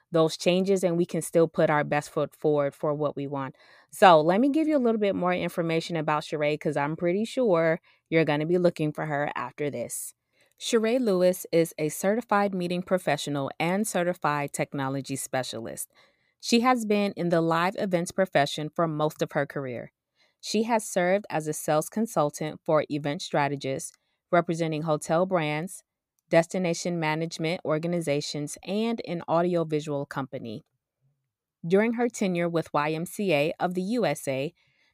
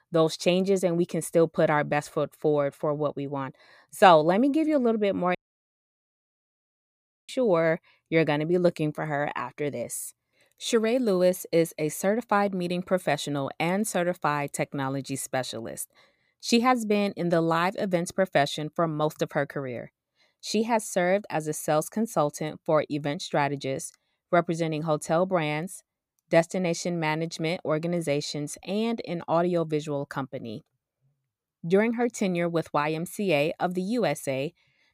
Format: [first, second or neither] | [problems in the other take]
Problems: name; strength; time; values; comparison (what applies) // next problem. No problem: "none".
first | audio cutting out; at 5.5 s for 2 s